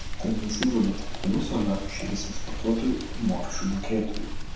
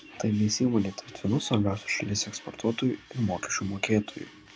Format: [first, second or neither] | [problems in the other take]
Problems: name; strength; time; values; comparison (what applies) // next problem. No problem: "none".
second | background sound (Rain); 3 dB below the speech // room echo; dies away in 0.7 s